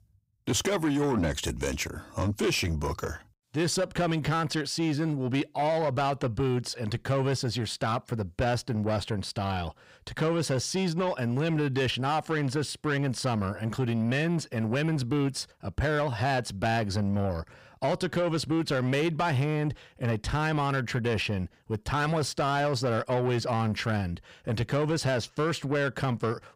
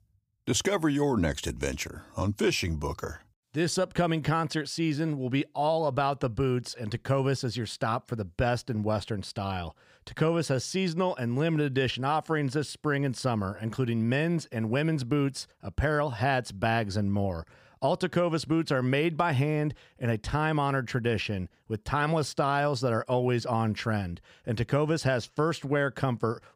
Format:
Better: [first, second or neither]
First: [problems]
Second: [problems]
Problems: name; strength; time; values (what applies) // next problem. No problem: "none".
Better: second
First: distortion; slight; 10 dB below the speech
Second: none